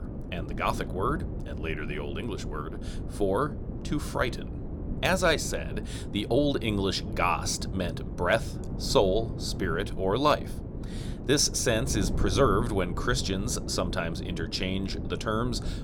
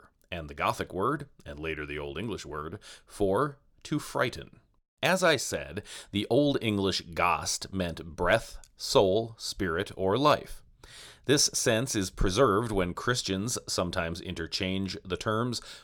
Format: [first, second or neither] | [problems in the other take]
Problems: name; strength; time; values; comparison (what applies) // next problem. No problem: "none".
second | wind noise on the microphone; occasional gusts; 15 dB below the speech